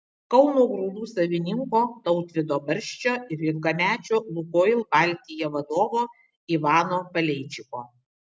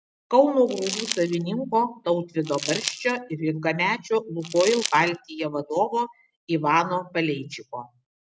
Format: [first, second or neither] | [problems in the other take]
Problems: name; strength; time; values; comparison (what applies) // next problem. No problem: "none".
first | background sound (Crumpling, crinkling); 8 dB below the speech